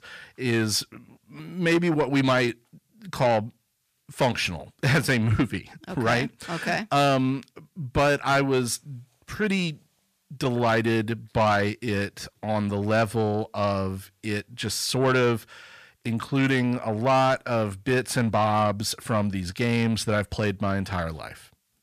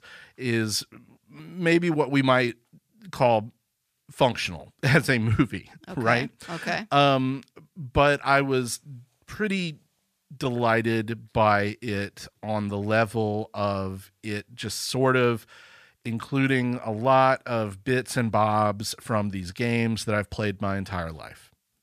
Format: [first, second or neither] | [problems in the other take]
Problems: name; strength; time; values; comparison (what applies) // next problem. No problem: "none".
second | distortion; slight; 10 dB below the speech